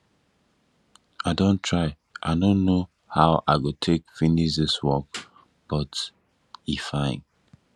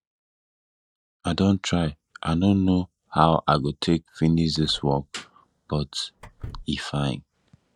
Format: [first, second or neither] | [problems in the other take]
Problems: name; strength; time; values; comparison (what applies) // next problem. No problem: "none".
first | noise reduction (neural mask model DeepFilterNet 3)